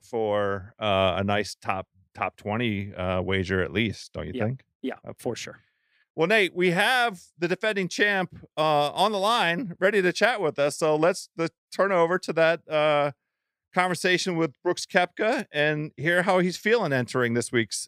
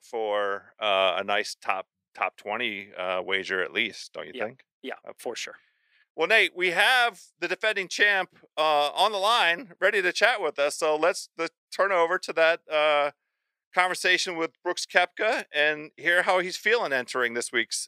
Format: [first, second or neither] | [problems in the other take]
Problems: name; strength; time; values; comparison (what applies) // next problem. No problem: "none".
first | thin; somewhat; fading below 450 Hz